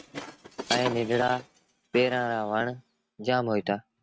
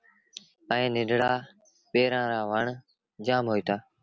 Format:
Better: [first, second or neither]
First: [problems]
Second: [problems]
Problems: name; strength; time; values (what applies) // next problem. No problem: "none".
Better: second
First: noise reduction (neural mask model RNNoise)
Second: none